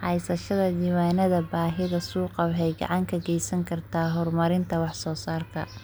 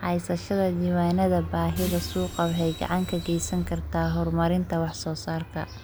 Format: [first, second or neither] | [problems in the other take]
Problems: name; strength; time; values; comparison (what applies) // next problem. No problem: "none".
first | background sound (Fixed-wing aircraft, airplane + Bus); 11 dB below the speech